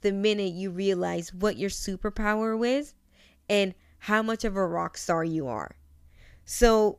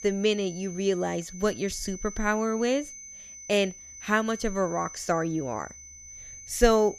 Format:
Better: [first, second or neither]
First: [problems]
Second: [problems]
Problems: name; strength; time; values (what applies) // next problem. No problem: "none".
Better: first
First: none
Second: high-pitched whine; noticeable; throughout; 6 kHz, 15 dB below the speech